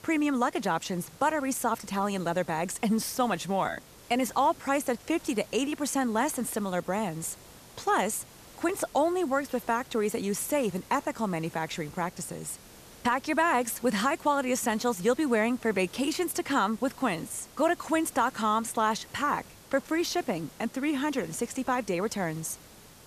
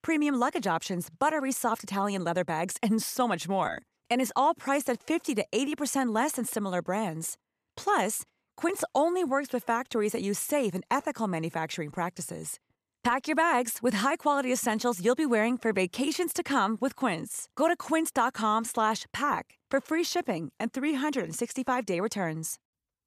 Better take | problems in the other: second | hiss; faint; throughout; 20 dB below the speech

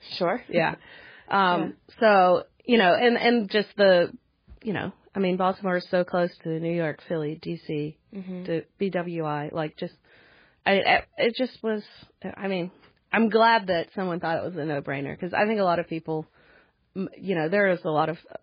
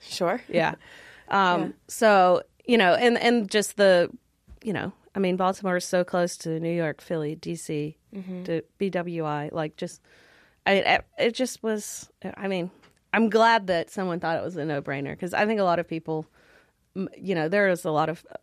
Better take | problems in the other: second | garbled, watery; badly; nothing above 4.5 kHz

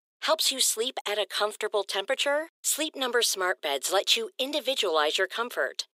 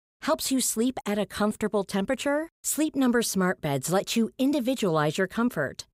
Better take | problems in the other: second | thin; very; fading below 400 Hz

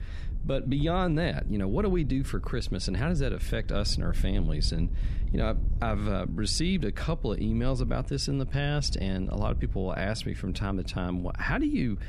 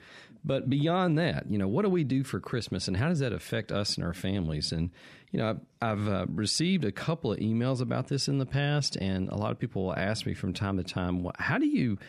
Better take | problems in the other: second | wind noise on the microphone; occasional gusts; 20 dB below the speech

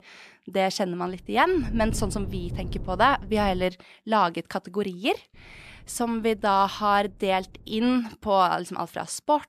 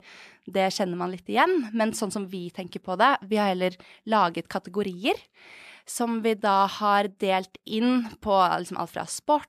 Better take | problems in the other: second | wind noise on the microphone; occasional gusts; from 1 to 3.5 s and from 5.5 to 8 s; 20 dB below the speech

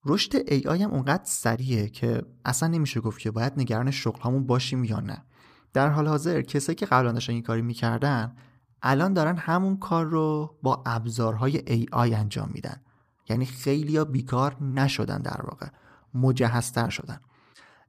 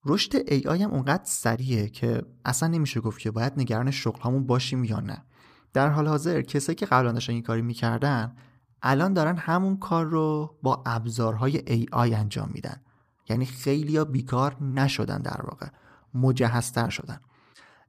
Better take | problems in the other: neither | none

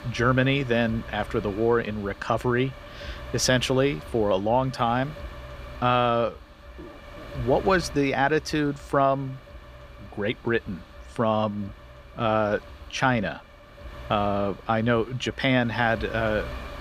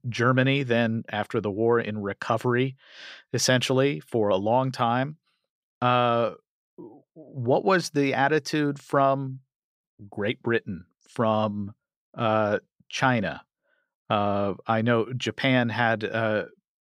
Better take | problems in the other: second | wind noise on the microphone; occasional gusts; 20 dB below the speech

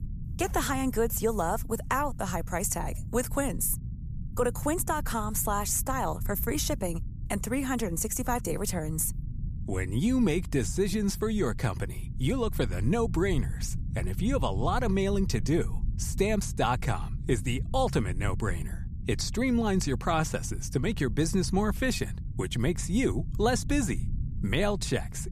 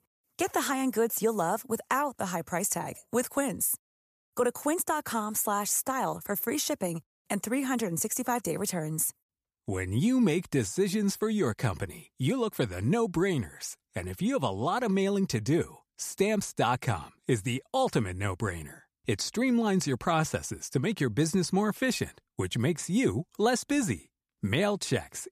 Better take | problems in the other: second | low rumble; noticeable; throughout; 20 dB below the speech

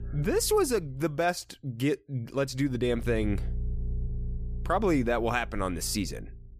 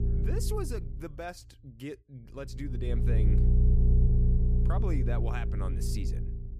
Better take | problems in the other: first | low rumble; loud; throughout; 1 dB below the speech; faint in the first

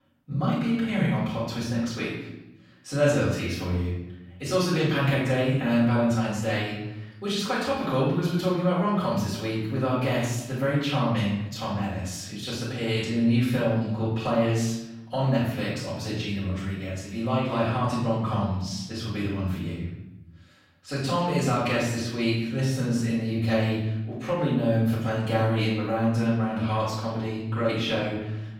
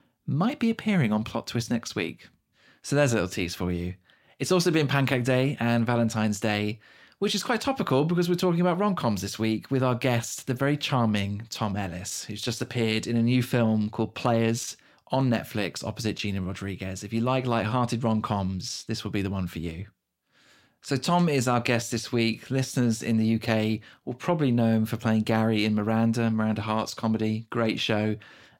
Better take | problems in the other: second | off-mic speech; far // room echo; noticeable; dies away in 0.9 s

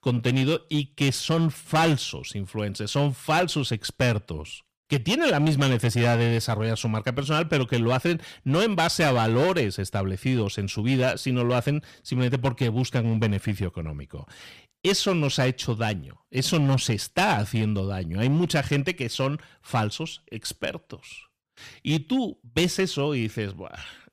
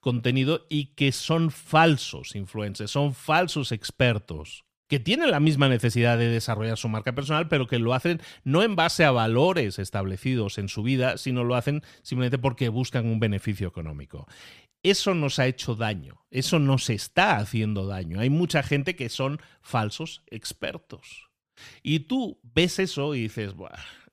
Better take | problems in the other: second | distortion; slight; 7% of the sound clipped

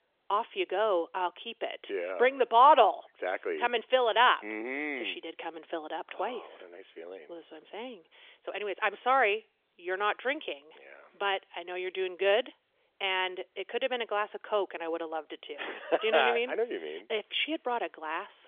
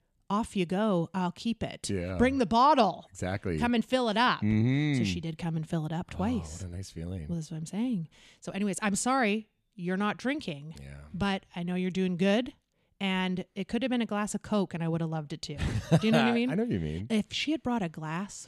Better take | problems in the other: second | phone-call audio; nothing above 3.5 kHz

